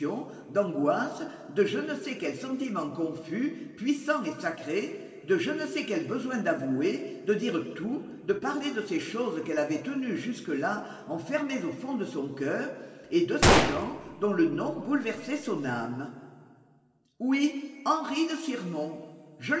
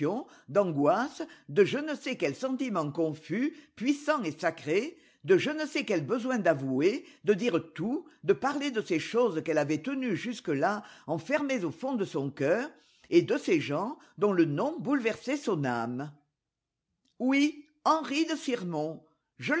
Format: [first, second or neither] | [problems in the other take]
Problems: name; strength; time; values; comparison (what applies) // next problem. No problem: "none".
second | background sound (Gunshot, gunfire); 2 dB above the speech // room echo; dies away in 2.2 s